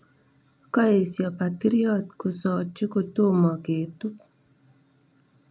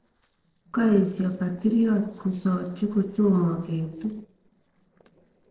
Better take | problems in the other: first | noise reduction (neural separator model SepFormer DNS4)

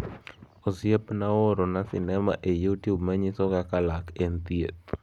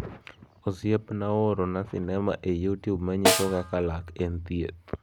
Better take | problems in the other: first | background sound (Snare drum); as loud as the speech

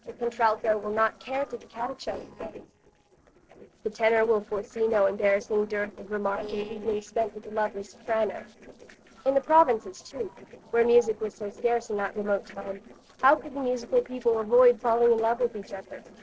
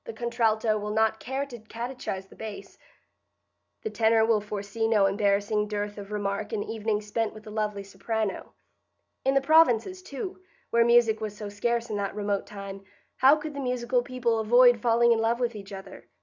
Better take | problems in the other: second | noise reduction (neural separator model SepFormer DNS4)

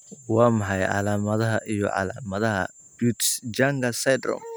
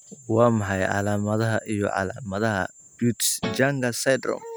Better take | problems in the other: first | background sound (Guitar); 8 dB below the speech

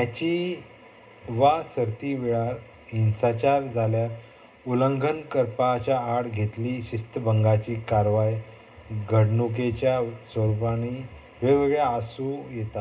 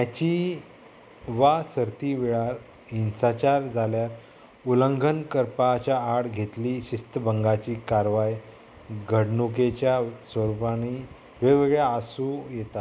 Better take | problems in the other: second | room echo; dies away in 0.2 s

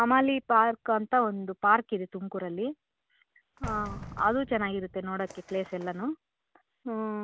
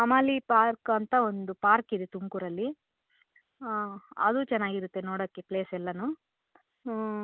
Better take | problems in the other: second | background sound (Explosion + Bird); 19 dB below the speech

